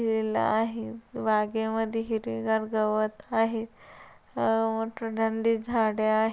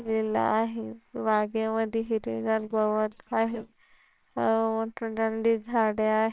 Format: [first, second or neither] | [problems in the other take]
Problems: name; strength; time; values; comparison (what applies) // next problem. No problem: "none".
first | noise reduction (neural separator model SepFormer WHAMR!)